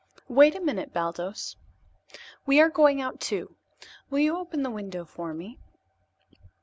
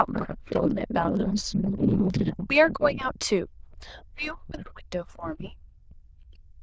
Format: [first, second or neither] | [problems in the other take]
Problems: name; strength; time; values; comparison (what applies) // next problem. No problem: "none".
first | noise reduction (neural diffusion model UNIVERSE++)